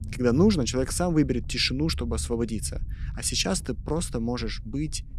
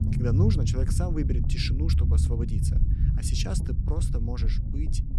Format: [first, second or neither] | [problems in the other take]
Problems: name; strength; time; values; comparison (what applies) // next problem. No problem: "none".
first | low rumble; loud; throughout; 3 dB below the speech; faint in the first